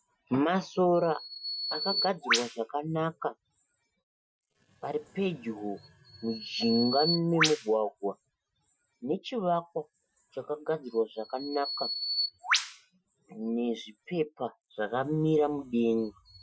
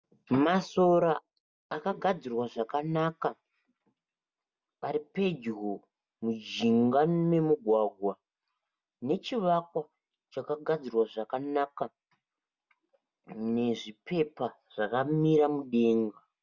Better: second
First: noise reduction (classical method Wiener filter)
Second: none

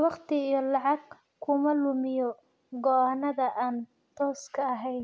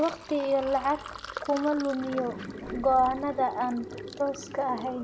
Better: first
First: none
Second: background sound (Sink (filling or washing)); 12 dB below the speech // room echo; dies away in 1.9 s

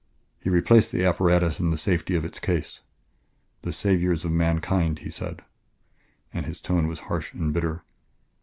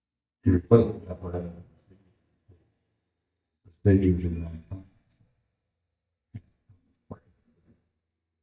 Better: first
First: none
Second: noise reduction (neural mask model DeepFilterNet 3)

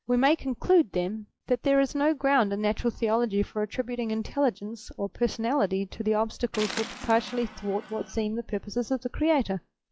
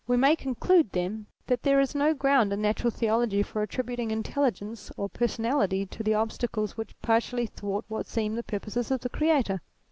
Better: second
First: noise reduction (classical method log-MMSE)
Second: none

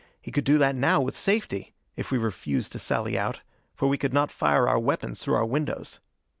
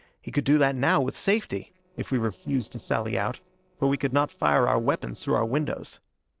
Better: first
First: none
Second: noise reduction (neural separator model SepFormer DNS4)

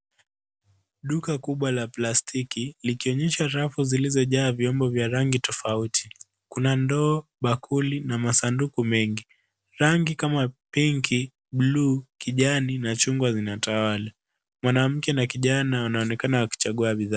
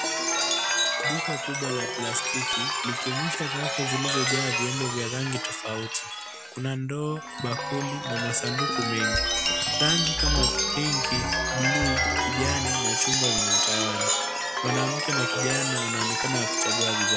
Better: first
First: none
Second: background sound (Chime); 5 dB above the speech

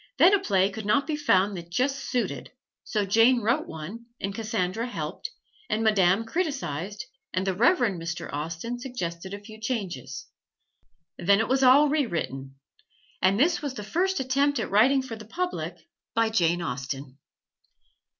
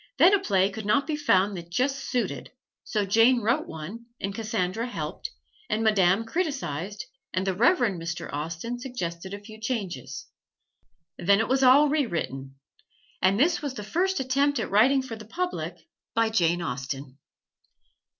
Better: first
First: none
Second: noise reduction (neural separator model SepFormer DNS4)

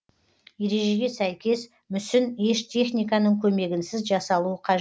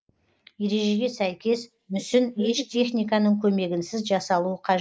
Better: first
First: none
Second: noise reduction (neural mask model Resemble Enhance denoiser)

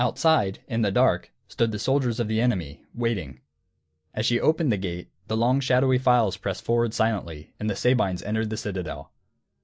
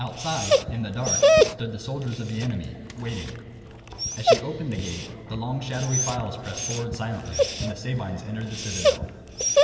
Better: first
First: none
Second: background sound (Dog); 5 dB above the speech // room echo; dies away in 2.9 s

